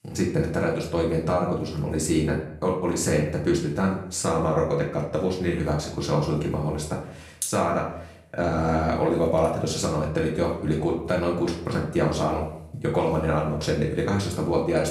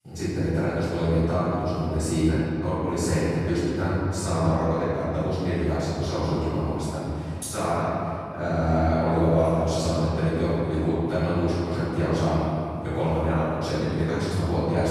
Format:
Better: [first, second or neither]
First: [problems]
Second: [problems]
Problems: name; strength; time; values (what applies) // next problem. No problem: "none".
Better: first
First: room echo; slight; dies away in 0.5 s // off-mic speech; far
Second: room echo; strong; dies away in 3 s // off-mic speech; far